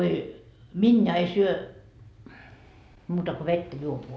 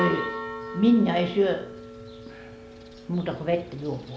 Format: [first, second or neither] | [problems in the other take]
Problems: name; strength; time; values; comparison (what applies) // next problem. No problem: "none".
first | background sound (Church bell); 10 dB below the speech